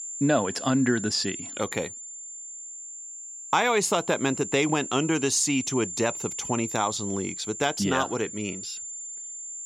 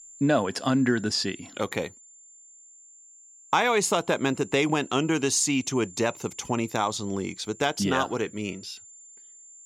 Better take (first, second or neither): second